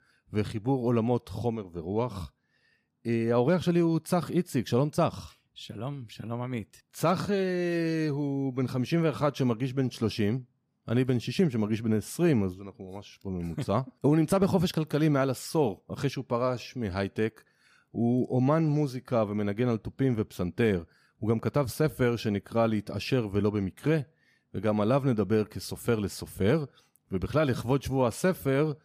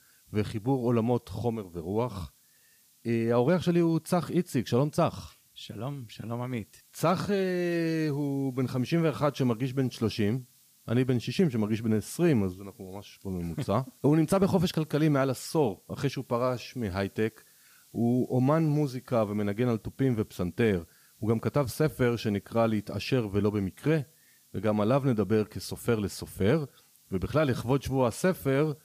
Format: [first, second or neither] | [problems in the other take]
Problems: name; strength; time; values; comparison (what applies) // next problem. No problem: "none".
first | hiss; faint; throughout; 30 dB below the speech